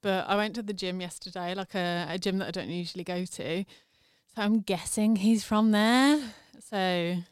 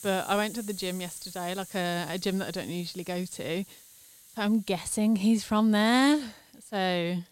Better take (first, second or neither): first